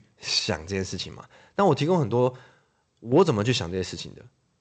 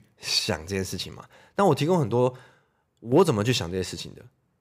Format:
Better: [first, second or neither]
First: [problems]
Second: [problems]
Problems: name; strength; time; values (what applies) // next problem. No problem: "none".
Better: second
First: garbled, watery; slightly; nothing above 7.5 kHz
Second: none